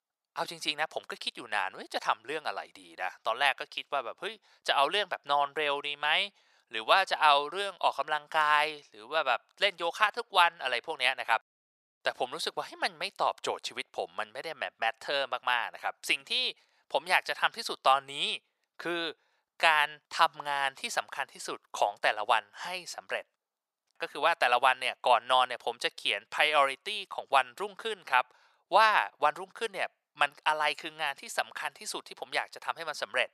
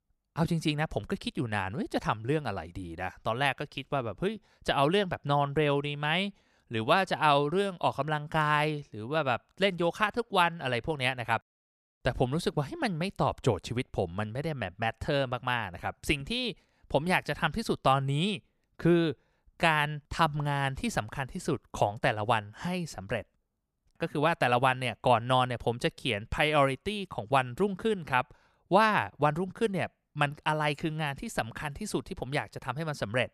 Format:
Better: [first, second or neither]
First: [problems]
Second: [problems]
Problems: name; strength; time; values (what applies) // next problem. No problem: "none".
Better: second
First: thin; very; fading below 800 Hz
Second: none